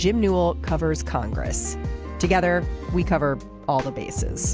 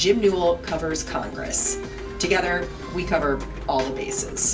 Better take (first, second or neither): first